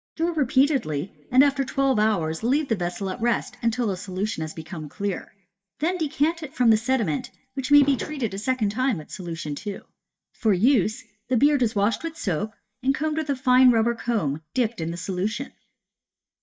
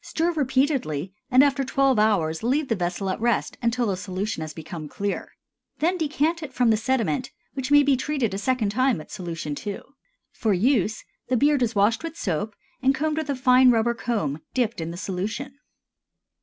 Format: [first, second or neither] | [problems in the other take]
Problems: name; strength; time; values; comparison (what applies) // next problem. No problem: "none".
second | noise reduction (neural mask model DeepFilterNet 3)